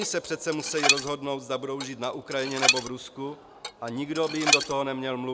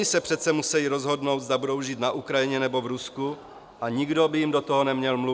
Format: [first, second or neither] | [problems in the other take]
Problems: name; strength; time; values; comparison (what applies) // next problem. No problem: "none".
second | background sound (Dishes, pots, and pans); 1 dB above the speech